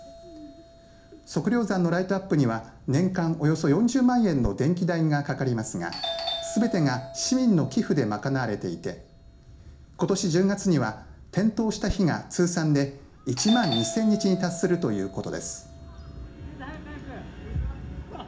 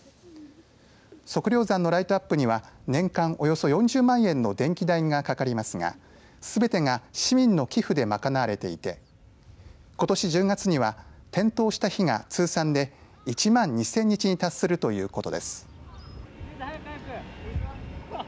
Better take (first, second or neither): second